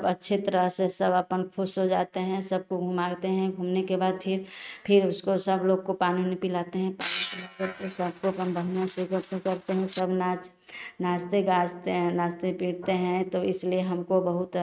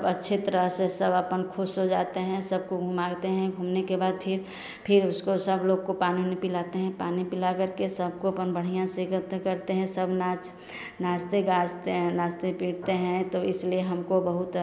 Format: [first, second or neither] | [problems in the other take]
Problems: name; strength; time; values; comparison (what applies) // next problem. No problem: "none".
second | noise reduction (neural mask model RNNoise)